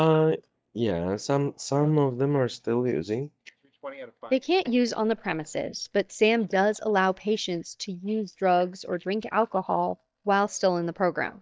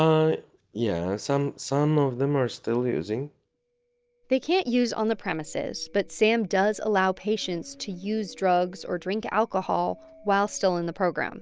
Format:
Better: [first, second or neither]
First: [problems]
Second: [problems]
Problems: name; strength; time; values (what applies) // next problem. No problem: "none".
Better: second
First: noise reduction (neural mask model DeepFilterNet 3)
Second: none